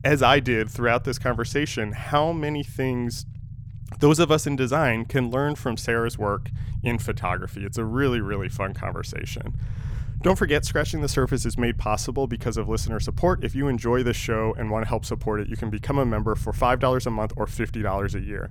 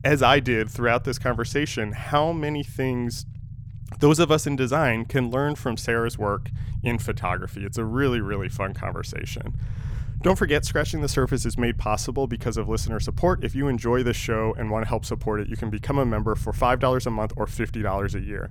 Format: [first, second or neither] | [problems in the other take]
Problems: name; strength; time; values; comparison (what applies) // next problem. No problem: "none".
neither | low rumble; faint; throughout; 20 dB below the speech; the same in both